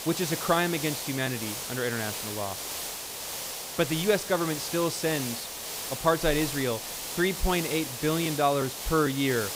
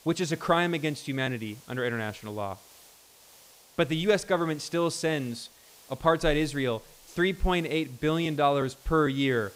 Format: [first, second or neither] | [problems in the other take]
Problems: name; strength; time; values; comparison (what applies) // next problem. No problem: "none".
second | hiss; loud; throughout; 5 dB below the speech; faint in the second